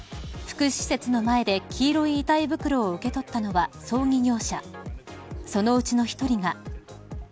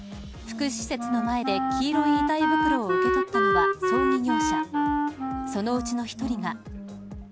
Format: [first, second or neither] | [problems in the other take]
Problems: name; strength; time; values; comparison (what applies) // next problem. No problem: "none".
first | background sound (Wind instrument, woodwind instrument); 3 dB above the speech